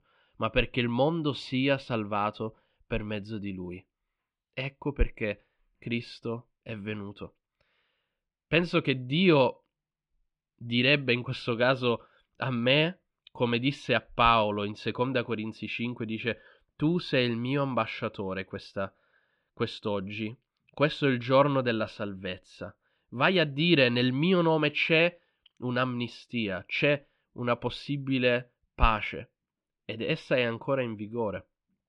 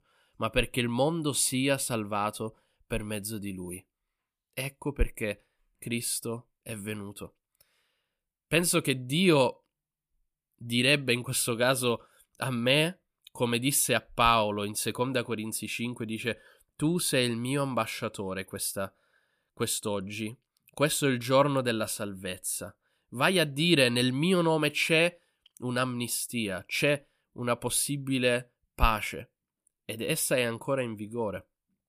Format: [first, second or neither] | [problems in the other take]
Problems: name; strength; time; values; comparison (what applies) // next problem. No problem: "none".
second | muffled; slightly; fading above 3.5 kHz